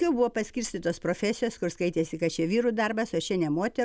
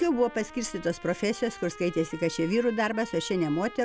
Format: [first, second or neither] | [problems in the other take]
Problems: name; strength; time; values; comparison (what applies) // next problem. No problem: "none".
first | background sound (Trumpet); 17 dB below the speech